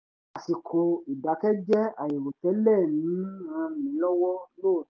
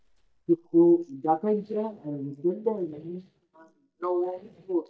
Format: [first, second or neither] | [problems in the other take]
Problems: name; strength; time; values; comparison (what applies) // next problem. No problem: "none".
first | noise reduction (neural mask model DeepFilterNet 3)